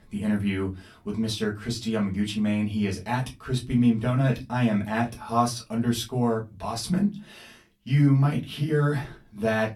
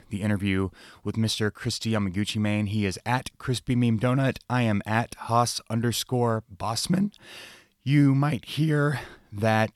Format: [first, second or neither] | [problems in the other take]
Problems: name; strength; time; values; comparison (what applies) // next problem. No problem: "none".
second | off-mic speech; far // room echo; very slight; dies away in 0.2 s